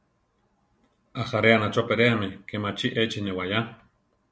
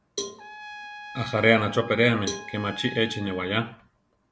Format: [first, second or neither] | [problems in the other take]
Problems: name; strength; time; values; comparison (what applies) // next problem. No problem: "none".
first | background sound (Cowbell + Trumpet); 13 dB below the speech